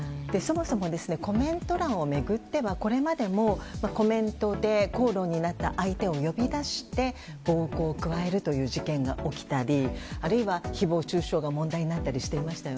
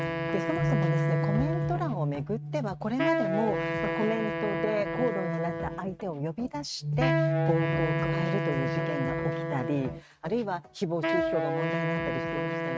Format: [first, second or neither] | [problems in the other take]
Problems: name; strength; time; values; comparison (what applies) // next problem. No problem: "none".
first | noise reduction (neural mask model RNNoise)